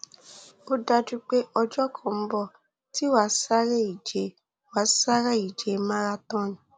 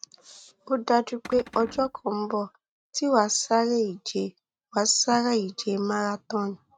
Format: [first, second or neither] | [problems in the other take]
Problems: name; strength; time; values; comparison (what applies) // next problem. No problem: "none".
first | noise reduction (neural mask model RNNoise)